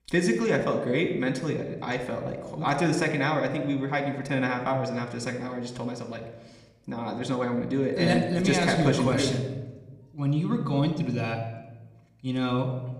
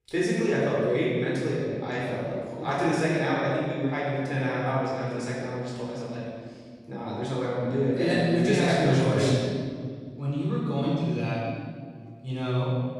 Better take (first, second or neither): first